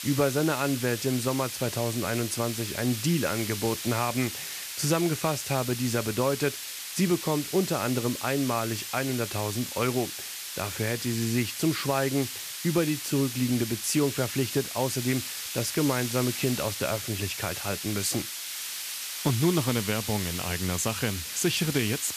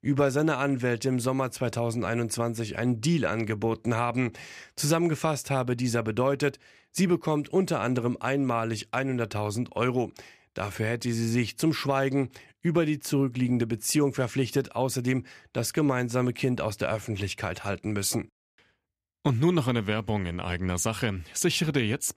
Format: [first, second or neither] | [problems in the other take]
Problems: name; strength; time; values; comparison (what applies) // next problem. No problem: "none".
second | hiss; loud; throughout; 5 dB below the speech